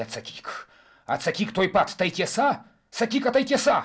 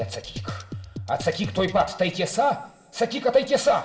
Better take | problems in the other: first | background sound (Drum kit); 11 dB below the speech // room echo; dies away in 1.2 s

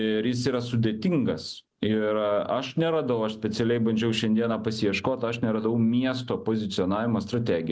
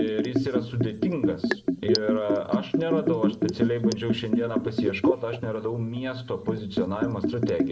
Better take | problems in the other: first | background sound (Liquid); 1 dB above the speech // room echo; dies away in 0.9 s

